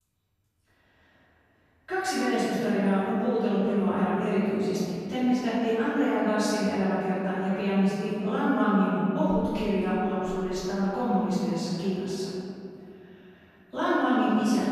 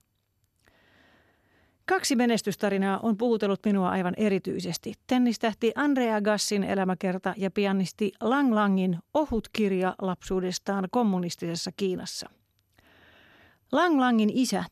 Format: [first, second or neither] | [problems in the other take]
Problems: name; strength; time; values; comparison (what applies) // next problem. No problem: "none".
second | off-mic speech; far // room echo; strong; dies away in 2.4 s